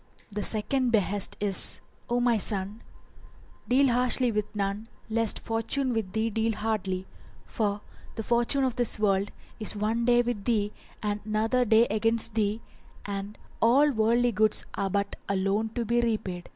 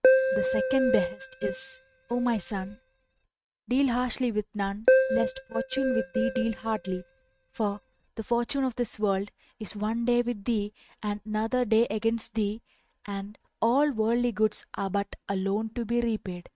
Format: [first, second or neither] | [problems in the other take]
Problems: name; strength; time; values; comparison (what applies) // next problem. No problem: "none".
first | noise reduction (neural mask model RNNoise)